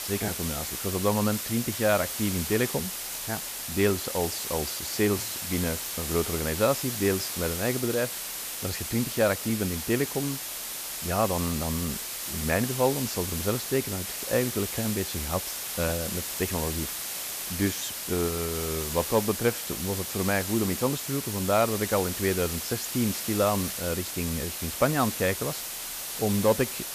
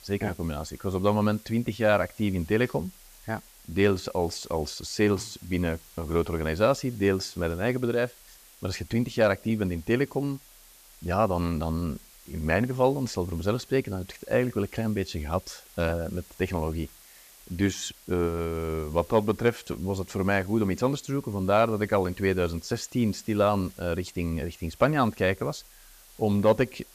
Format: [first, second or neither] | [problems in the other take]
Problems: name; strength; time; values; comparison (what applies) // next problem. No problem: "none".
second | hiss; loud; throughout; 3 dB below the speech; faint in the second